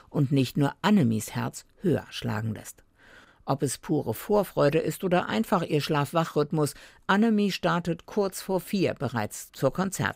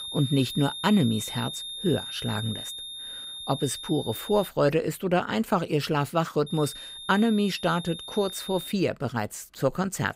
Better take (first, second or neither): first